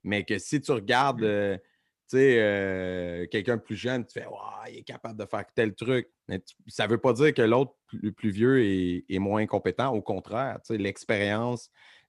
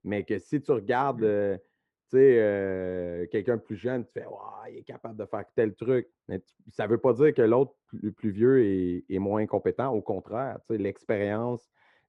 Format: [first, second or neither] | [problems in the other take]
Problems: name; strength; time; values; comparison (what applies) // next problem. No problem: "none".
first | muffled; very; fading above 2.5 kHz